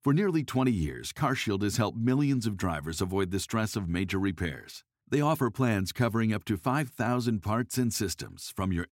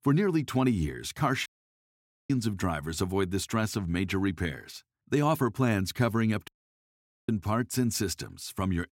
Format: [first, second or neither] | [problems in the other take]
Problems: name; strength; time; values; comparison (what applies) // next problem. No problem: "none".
first | audio cutting out; at 1.5 s for 1 s and at 6.5 s for 1 s